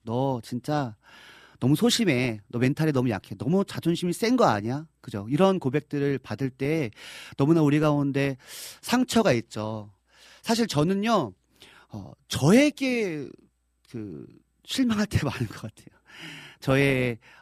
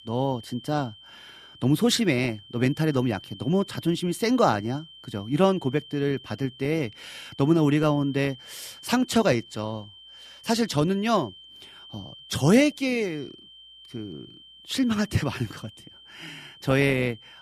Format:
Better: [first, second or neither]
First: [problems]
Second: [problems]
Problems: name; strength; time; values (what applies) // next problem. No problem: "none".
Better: first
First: none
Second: high-pitched whine; faint; throughout; 3 kHz, 20 dB below the speech